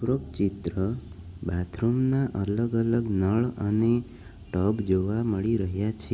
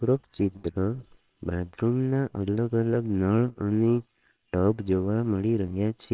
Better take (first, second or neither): first